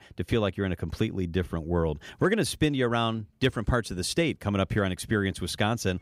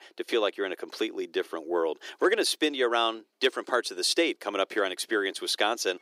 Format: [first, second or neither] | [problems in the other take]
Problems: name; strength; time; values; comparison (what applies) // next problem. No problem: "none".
first | thin; very; fading below 350 Hz